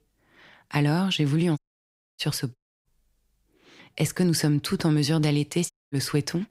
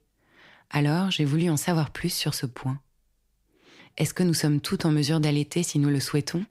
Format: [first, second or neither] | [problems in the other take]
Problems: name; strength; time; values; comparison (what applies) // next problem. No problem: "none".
second | audio cutting out; at 1.5 s for 0.5 s, at 2.5 s and at 5.5 s